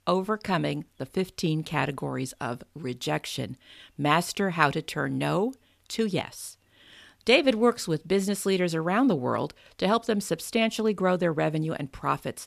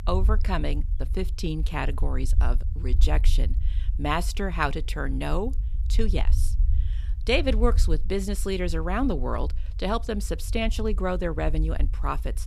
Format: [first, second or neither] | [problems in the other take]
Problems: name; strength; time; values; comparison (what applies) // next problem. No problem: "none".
first | low rumble; noticeable; throughout; 20 dB below the speech